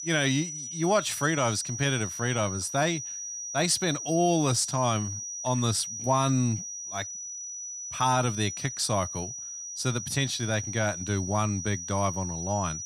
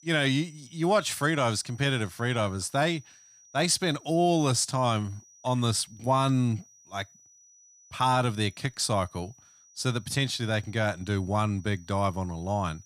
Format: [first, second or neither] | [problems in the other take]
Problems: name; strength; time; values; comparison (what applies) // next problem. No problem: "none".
second | high-pitched whine; loud; throughout; 6 kHz, 6 dB below the speech; faint in the second